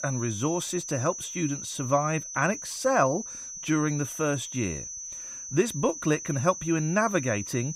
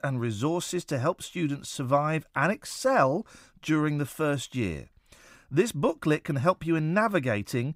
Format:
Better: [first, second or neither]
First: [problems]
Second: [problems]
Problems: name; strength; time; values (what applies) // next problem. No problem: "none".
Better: second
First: high-pitched whine; loud; throughout; 6 kHz, 8 dB below the speech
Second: none